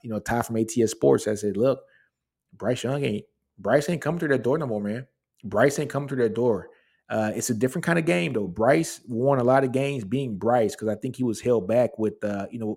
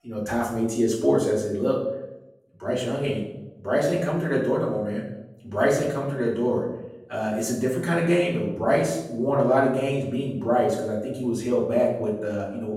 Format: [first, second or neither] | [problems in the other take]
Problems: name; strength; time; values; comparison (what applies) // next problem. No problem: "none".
first | room echo; noticeable; dies away in 0.7 s // off-mic speech; far